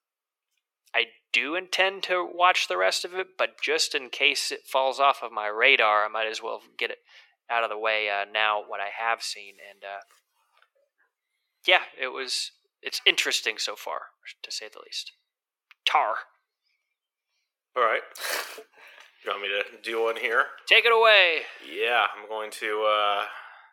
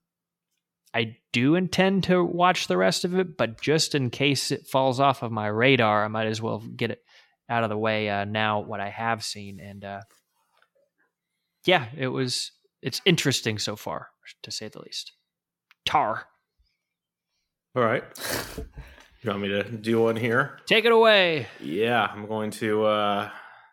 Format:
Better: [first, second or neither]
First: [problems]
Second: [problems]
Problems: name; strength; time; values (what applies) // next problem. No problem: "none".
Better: second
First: thin; very; fading below 450 Hz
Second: none